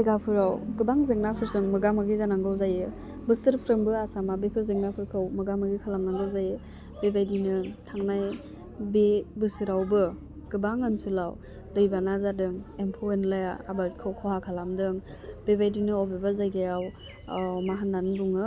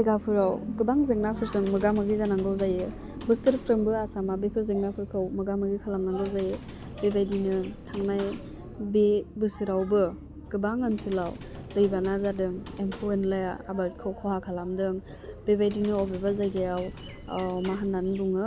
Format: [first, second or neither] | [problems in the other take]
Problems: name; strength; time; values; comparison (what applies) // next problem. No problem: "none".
first | background sound (Typing); 18 dB below the speech